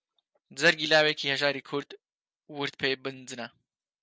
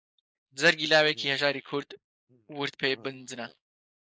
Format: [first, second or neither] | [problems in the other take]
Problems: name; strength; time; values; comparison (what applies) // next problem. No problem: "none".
first | noise reduction (neural mask model Resemble Enhance denoiser)